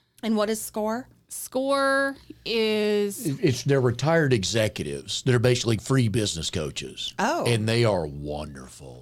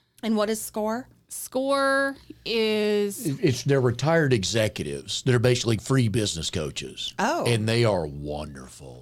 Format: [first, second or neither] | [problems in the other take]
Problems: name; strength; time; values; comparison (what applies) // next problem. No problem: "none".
neither | none